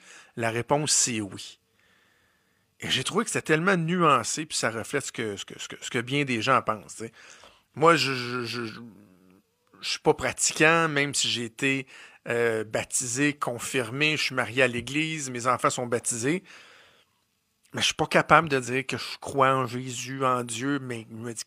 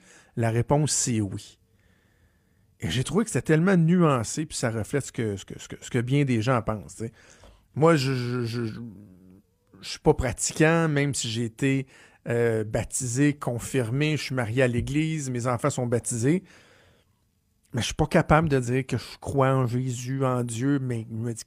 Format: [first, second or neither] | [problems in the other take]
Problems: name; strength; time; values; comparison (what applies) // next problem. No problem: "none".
second | thin; somewhat; fading below 400 Hz